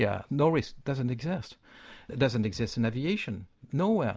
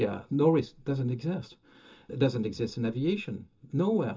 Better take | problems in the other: first | room echo; dies away in 0.2 s

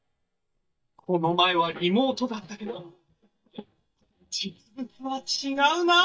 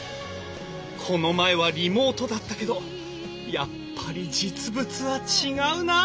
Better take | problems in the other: second | noise reduction (neural mask model DeepFilterNet 3)

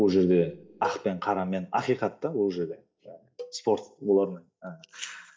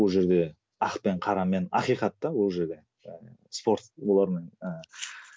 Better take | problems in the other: second | noise reduction (neural mask model DeepFilterNet 3)

